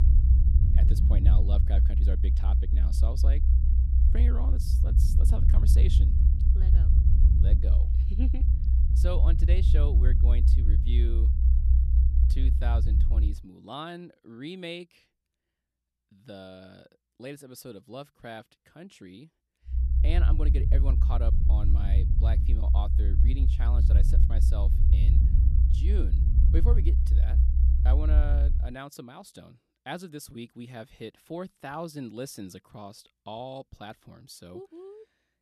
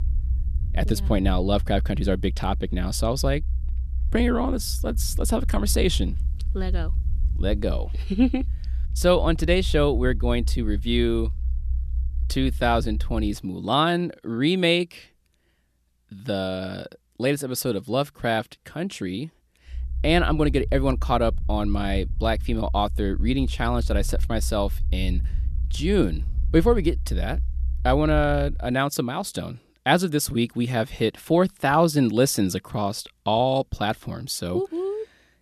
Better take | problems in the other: second | low rumble; loud; until 13 s and from 20 to 29 s; 1 dB below the speech; faint in the second

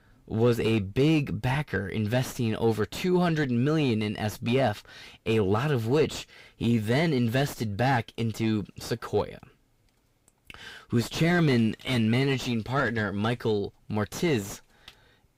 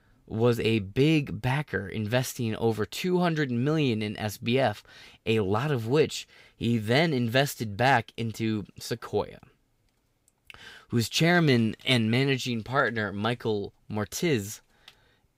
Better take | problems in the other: second | distortion; slight; 9 dB below the speech

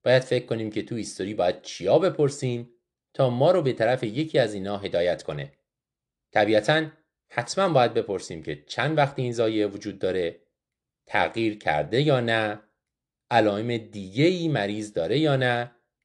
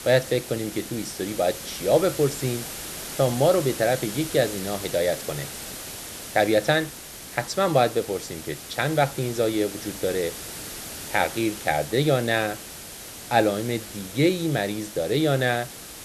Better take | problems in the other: first | hiss; noticeable; throughout; 10 dB below the speech

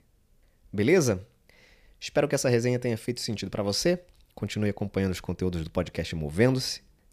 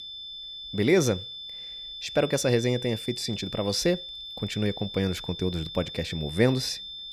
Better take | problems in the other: first | high-pitched whine; loud; throughout; 3.5 kHz, 9 dB below the speech

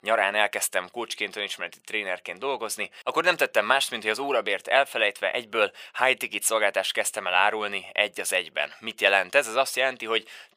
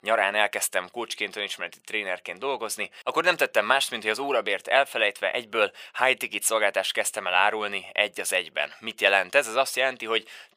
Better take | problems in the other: neither | thin; very; fading below 700 Hz; the same in both

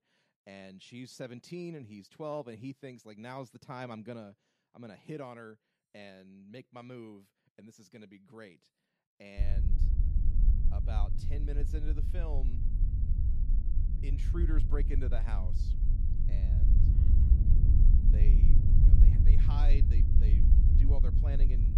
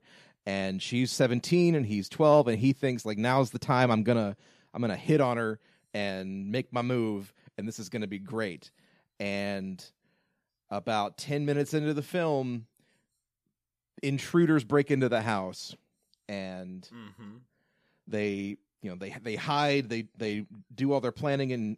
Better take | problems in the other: second | wind noise on the microphone; heavy; from 9.5 s on; 2 dB below the speech

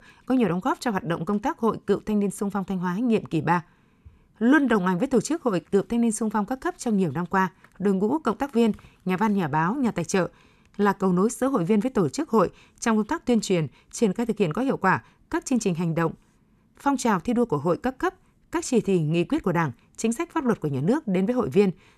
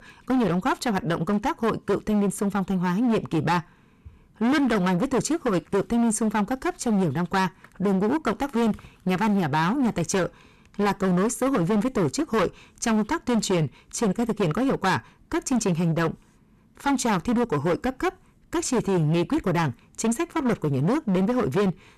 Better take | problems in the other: first | distortion; heavy; 17% of the sound clipped

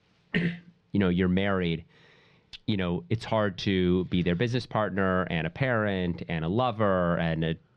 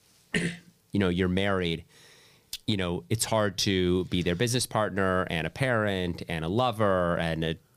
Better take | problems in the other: second | muffled; slightly; fading above 3.5 kHz

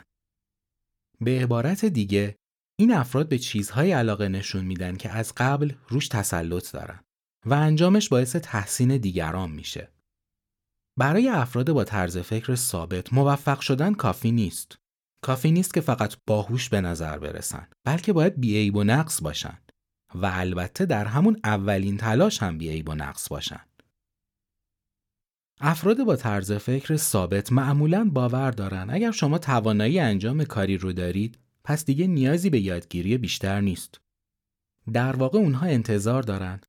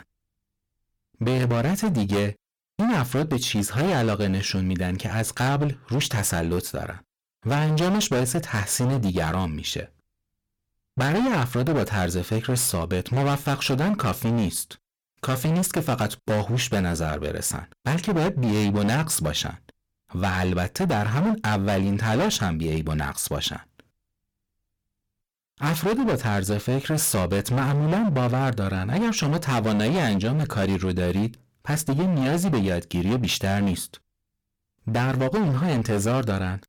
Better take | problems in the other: first | distortion; heavy; 23% of the sound clipped

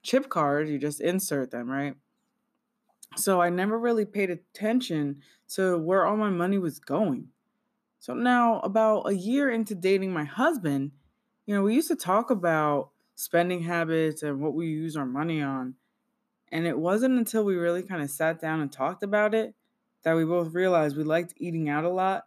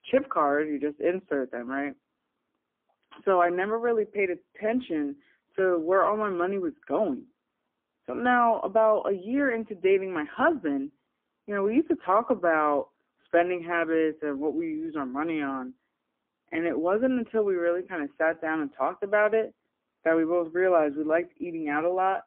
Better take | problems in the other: first | phone-call audio; poor line; nothing above 3.5 kHz

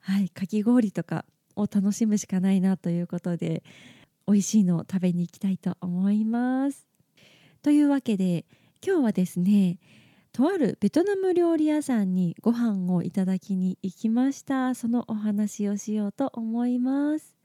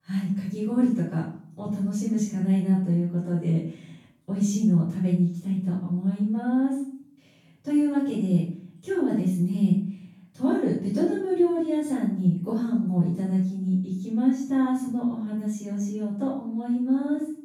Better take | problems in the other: first | room echo; noticeable; dies away in 0.5 s // off-mic speech; far

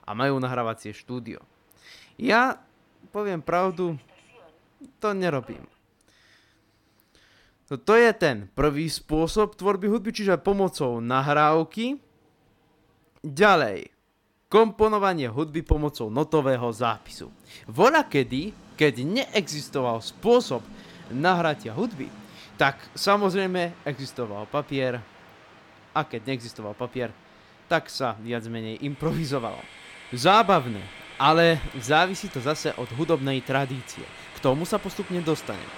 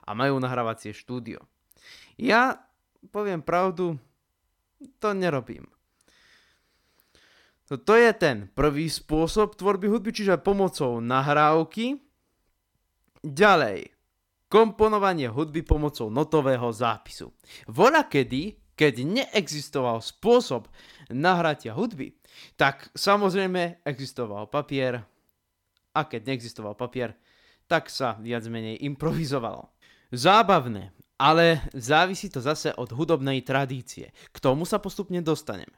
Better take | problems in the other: second | train or aircraft noise; faint; throughout; 20 dB below the speech

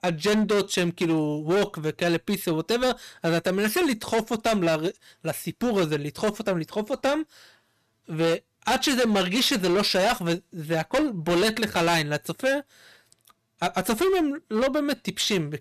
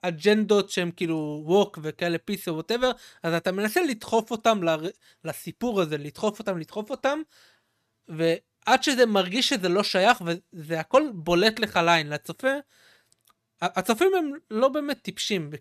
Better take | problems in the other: second | distortion; heavy; 15% of the sound clipped

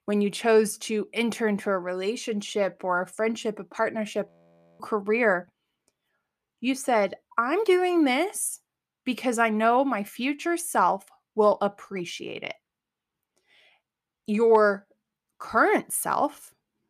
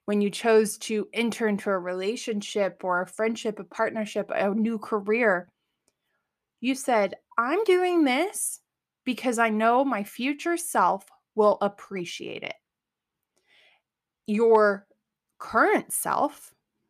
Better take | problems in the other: second | audio freezing; at 4.5 s for 0.5 s

